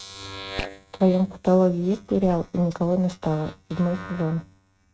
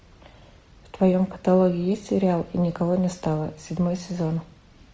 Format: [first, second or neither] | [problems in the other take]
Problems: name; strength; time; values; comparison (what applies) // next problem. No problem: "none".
second | noise reduction (neural mask model RNNoise)